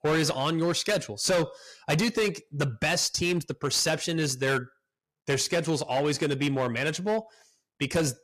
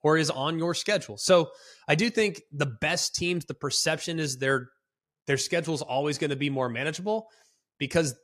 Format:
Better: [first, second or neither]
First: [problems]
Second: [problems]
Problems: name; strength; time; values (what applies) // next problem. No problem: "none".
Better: second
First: distortion; heavy; 11% of the sound clipped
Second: none